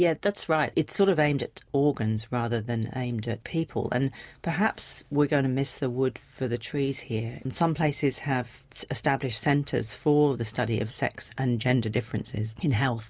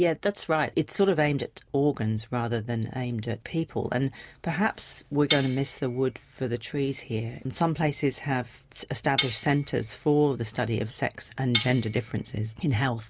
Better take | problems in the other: first | background sound (Cutlery, silverware); 8 dB below the speech

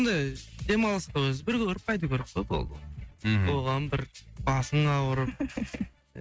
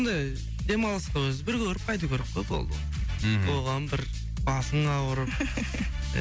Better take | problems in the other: second | noise reduction (neural mask model RNNoise)

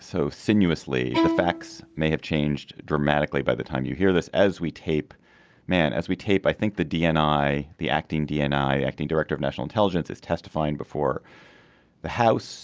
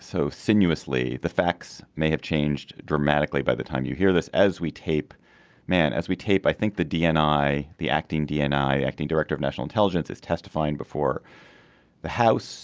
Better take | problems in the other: second | background sound (Bowed string instrument); 3 dB below the speech

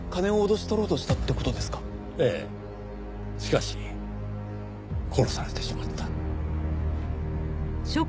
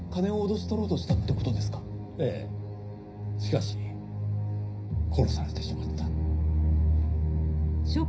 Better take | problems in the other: first | room echo; dies away in 0.5 s

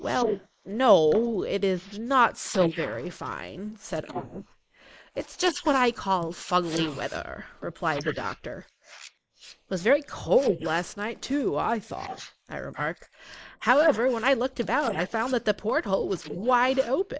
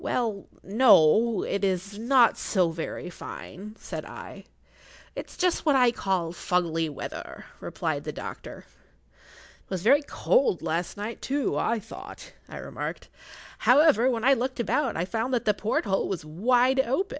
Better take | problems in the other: second | noise reduction (neural mask model Resemble Enhance denoiser)

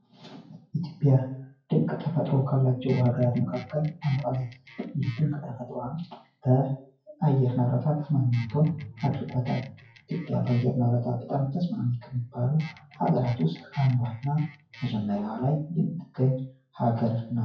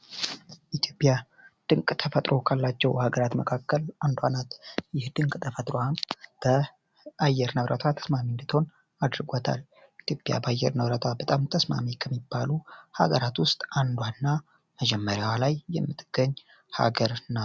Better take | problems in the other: second | noise reduction (classical method WPE with log-MMSE)

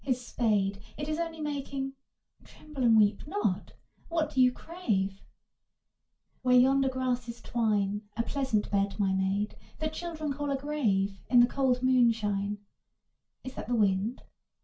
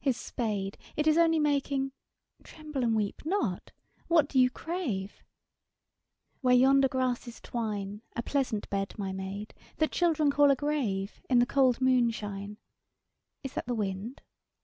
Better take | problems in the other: second | room echo; dies away in 0.2 s

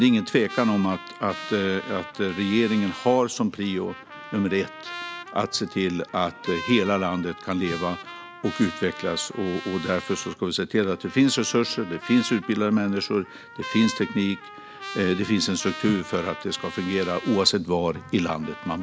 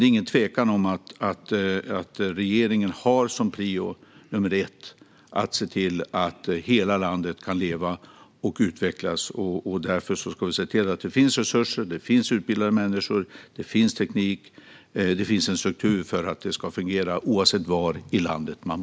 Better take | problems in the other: second | background sound (Trumpet); 14 dB below the speech

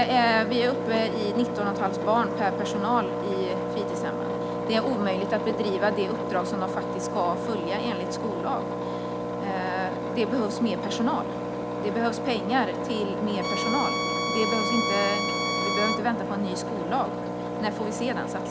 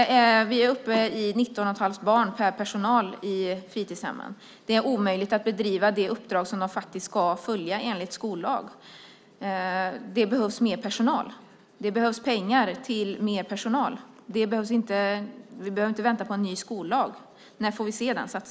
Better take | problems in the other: second | background sound (Engine + Bowed string instrument); 1 dB below the speech

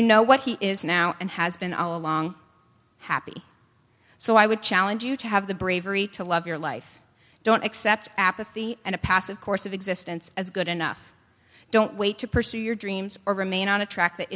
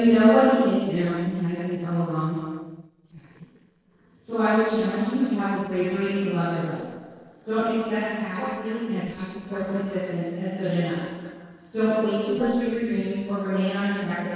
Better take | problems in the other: first | noise reduction (neural separator model SepFormer DNS4)

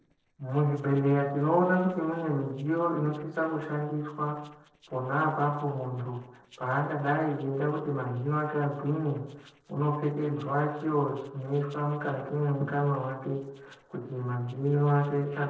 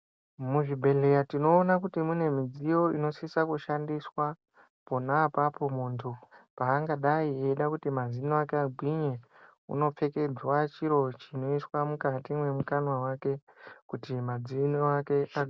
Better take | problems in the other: second | noise reduction (neural separator model SepFormer DNS4)

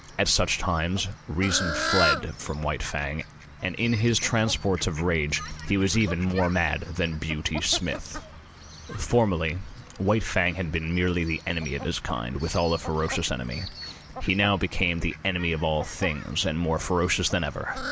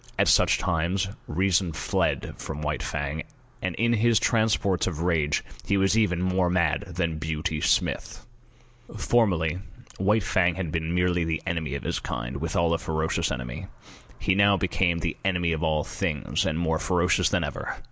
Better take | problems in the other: second | background sound (Fowl); 11 dB below the speech

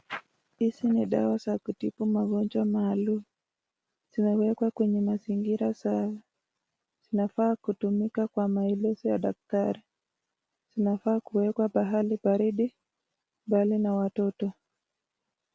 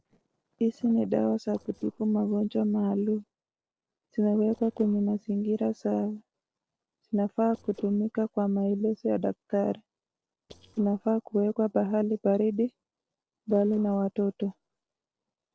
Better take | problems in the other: first | noise reduction (neural separator model SepFormer DNS4)

